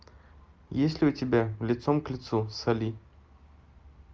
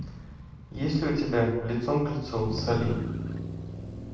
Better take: first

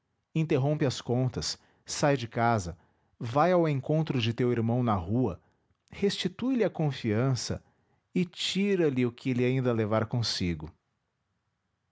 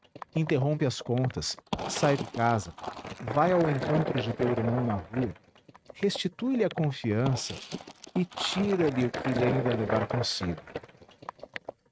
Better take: first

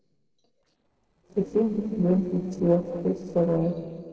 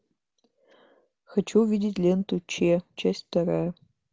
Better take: second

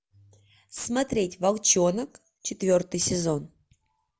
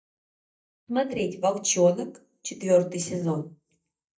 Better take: first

